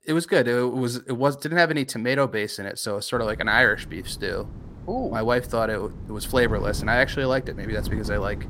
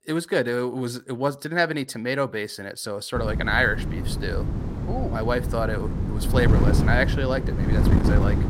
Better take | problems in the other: first | wind noise on the microphone; heavy; from 3 s on; 7 dB below the speech; occasional gusts in the first

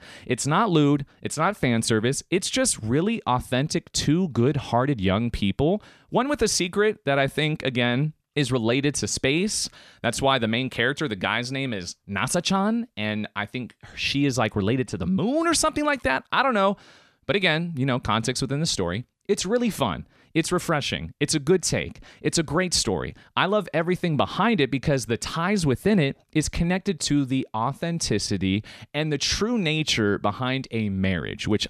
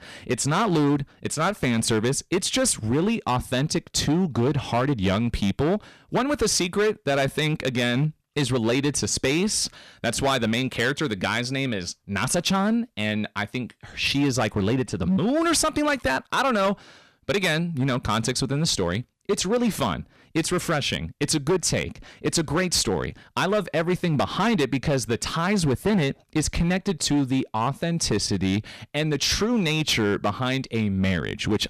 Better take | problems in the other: first | distortion; slight; 10% of the sound clipped

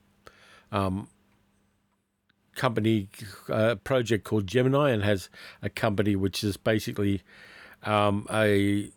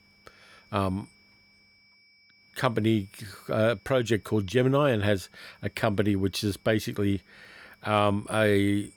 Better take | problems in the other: first | high-pitched whine; faint; throughout; 2.5 kHz, 35 dB below the speech

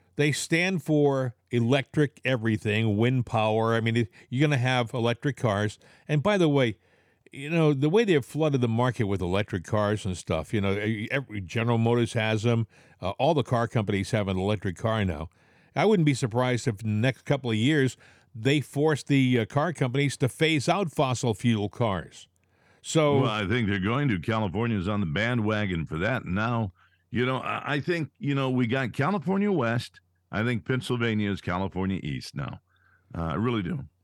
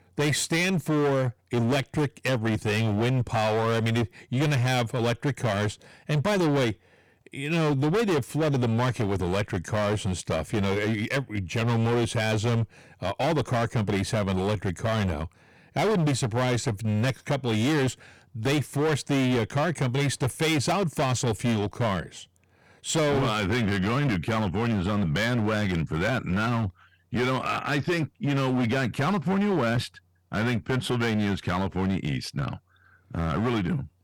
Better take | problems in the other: first | distortion; heavy; 20% of the sound clipped

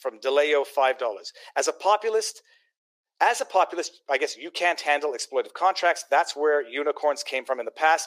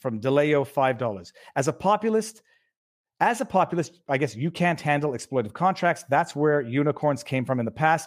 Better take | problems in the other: second | thin; very; fading below 400 Hz

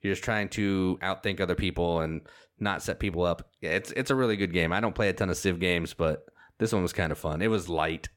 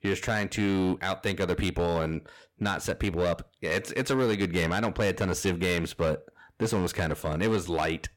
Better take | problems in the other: first | distortion; slight; 8% of the sound clipped

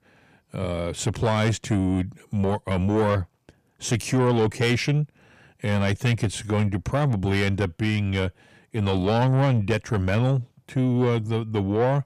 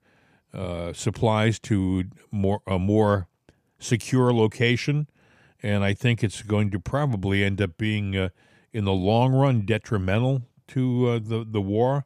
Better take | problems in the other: second | distortion; slight; 10 dB below the speech

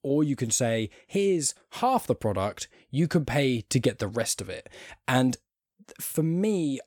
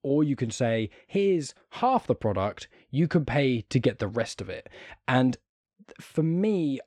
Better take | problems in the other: first | muffled; slightly; fading above 3.5 kHz

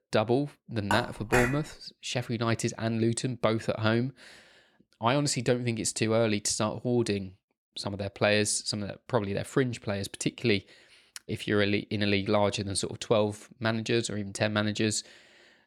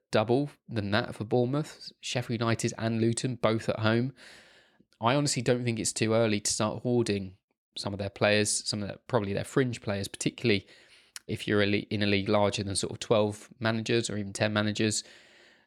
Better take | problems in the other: second | clattering dishes; noticeable; at 1 s; peak level with the speech

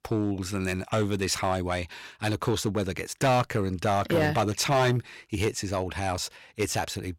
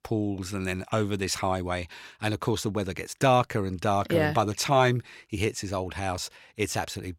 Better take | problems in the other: second | distortion; slight; 5% of the sound clipped

